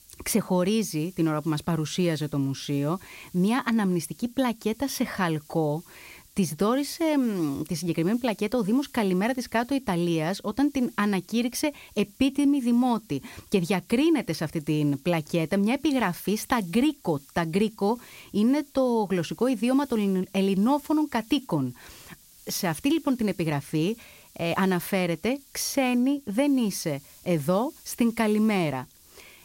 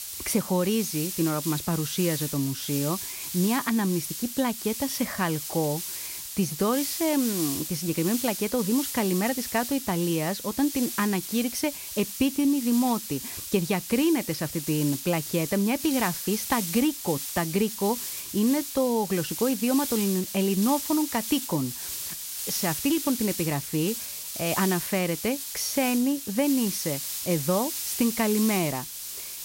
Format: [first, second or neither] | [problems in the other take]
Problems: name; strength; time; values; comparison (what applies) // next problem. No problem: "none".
first | hiss; loud; throughout; 5 dB below the speech; faint in the first